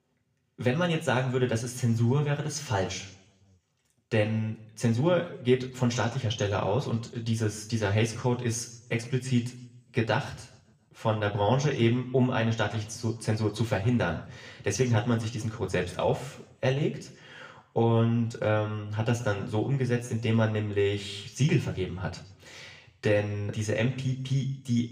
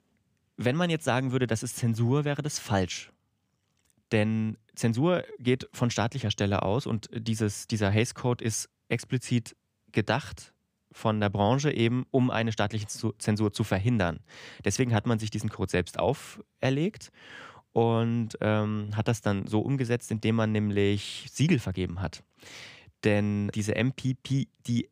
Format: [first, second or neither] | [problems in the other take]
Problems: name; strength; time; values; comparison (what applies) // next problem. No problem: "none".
second | room echo; very slight; dies away in 0.6 s // off-mic speech; somewhat distant